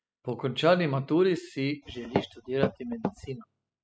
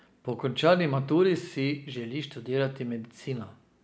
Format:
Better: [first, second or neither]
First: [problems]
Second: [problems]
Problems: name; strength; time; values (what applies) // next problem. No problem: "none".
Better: second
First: noise reduction (classical method spectral subtraction)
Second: none